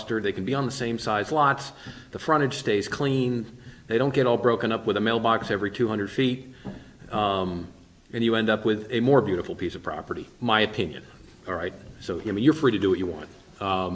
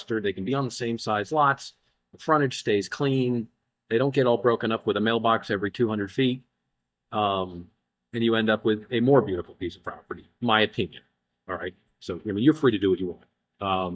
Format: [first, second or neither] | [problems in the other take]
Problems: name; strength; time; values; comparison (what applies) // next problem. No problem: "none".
first | noise reduction (neural mask model DeepFilterNet 3)